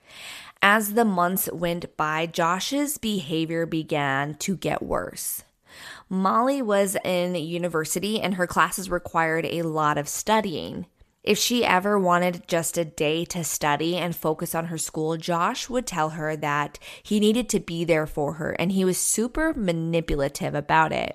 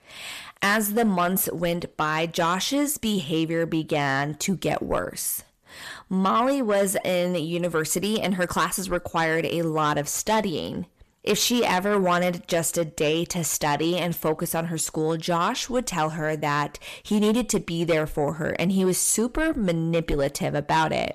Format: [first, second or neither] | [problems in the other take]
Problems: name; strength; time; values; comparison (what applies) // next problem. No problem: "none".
first | distortion; slight; 10 dB below the speech